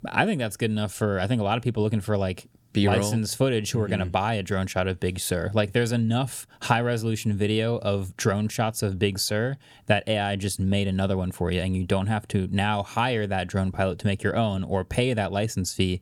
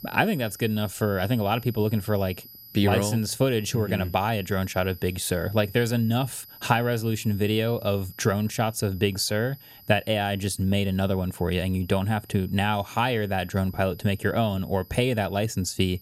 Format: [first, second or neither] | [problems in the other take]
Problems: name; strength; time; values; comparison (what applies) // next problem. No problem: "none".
first | high-pitched whine; faint; throughout; 12 kHz, 20 dB below the speech